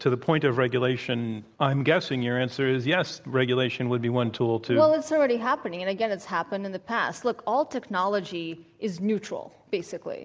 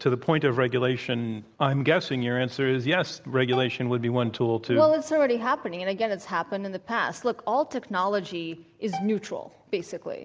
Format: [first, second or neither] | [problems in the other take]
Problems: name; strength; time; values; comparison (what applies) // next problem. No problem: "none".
first | background sound (Bowed string instrument); 15 dB below the speech